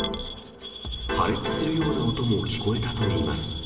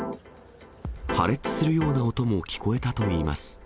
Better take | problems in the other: second | background sound (Coin (dropping) / Glass); 11 dB below the speech // room echo; dies away in 1.9 s

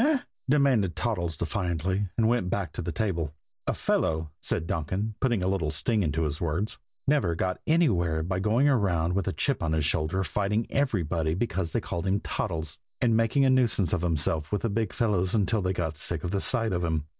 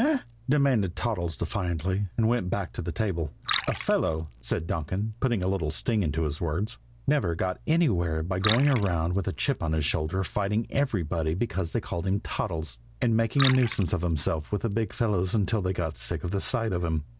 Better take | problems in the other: first | background sound (Liquid); 15 dB below the speech

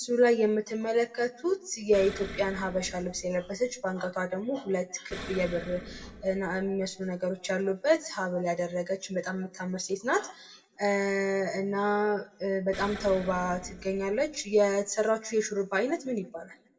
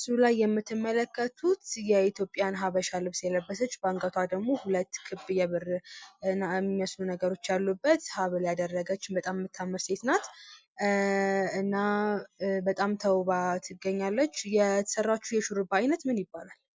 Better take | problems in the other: second | background sound (Explosion); 14 dB below the speech // room echo; dies away in 0.3 s

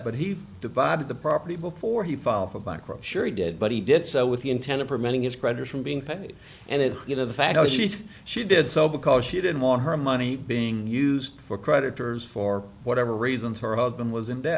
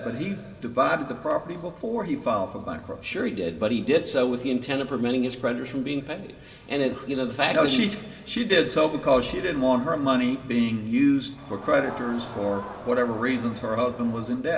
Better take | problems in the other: first | background sound (Crowd); 15 dB below the speech // room echo; dies away in 1.6 s

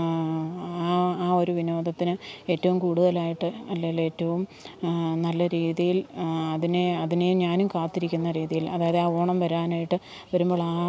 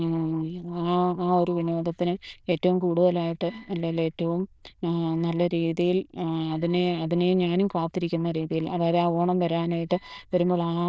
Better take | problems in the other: first | noise reduction (neural diffusion model UNIVERSE++)

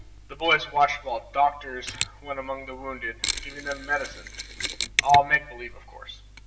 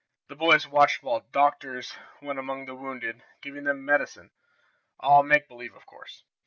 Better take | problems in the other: second | background sound (Mechanisms); 8 dB below the speech // room echo; dies away in 0.7 s

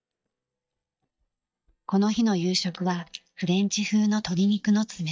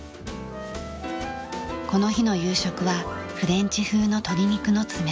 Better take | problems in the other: second | noise reduction (neural mask model DeepFilterNet 3)

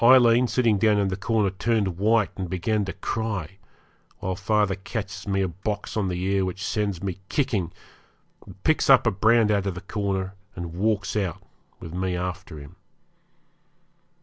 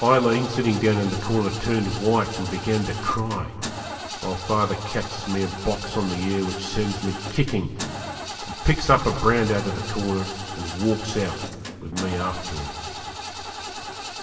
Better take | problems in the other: first | background sound (Engine starting / Car); 10 dB below the speech // room echo; dies away in 2.6 s

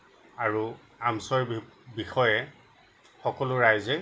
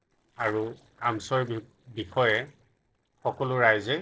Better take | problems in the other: first | noise reduction (neural separator model SepFormer DNS4)

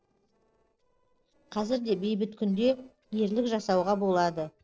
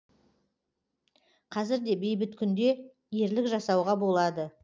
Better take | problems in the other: second | noise reduction (neural separator model SepFormer DNS4)

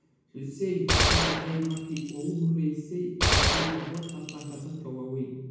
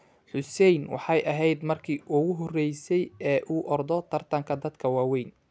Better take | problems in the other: second | background sound (Gunshot, gunfire); 3 dB above the speech // room echo; dies away in 1.1 s

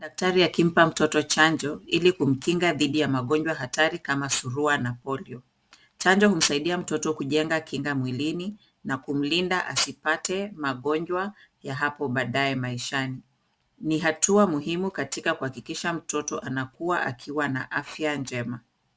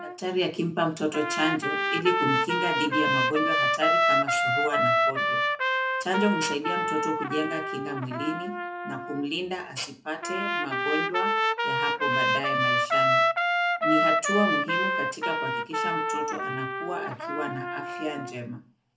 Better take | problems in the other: first | background sound (Trumpet); 4 dB above the speech // room echo; dies away in 0.3 s

